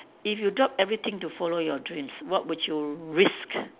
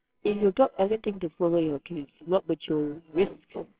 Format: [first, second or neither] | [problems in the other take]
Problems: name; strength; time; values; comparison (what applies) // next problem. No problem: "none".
first | noise reduction (neural separator model SepFormer WHAMR!)